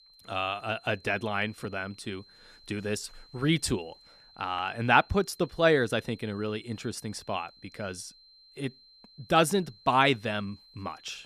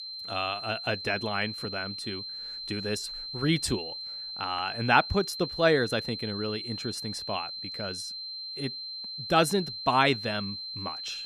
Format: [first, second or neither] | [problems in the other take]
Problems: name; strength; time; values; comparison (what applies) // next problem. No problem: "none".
first | high-pitched whine; loud; throughout; 4 kHz, 6 dB below the speech; faint in the first